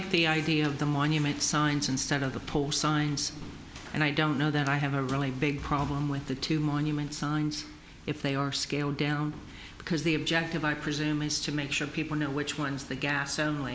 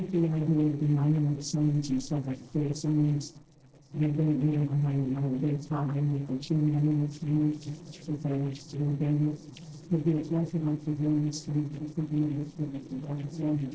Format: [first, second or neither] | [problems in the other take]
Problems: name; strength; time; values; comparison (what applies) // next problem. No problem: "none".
first | noise reduction (neural separator model SepFormer DNS4)